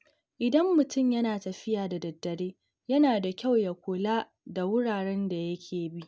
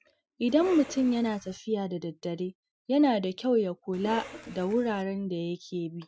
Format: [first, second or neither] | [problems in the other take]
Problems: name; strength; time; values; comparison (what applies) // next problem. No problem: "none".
first | noise reduction (classical method Wiener filter)